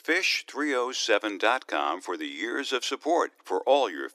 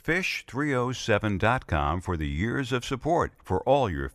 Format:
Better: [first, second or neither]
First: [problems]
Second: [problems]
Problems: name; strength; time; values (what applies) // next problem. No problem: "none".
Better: second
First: thin; somewhat; fading below 300 Hz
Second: none